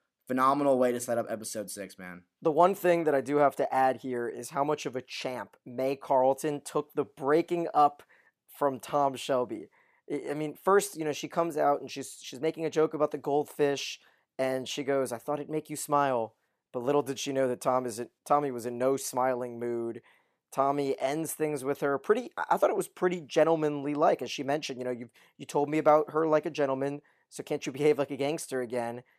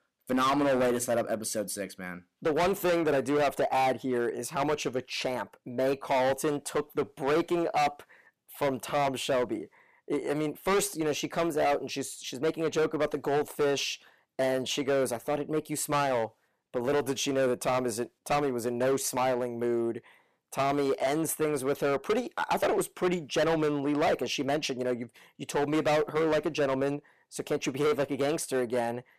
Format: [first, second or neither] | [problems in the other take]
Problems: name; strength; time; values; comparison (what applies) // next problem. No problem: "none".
first | distortion; heavy; 12% of the sound clipped